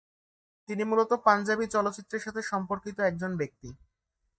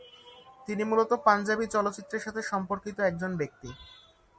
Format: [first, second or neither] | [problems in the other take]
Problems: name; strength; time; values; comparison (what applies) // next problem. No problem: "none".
second | noise reduction (neural mask model DeepFilterNet 3)